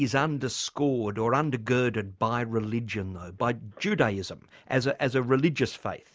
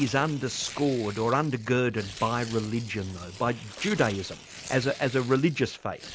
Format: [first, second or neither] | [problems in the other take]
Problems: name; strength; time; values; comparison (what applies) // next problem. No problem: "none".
first | background sound (Tearing); 16 dB below the speech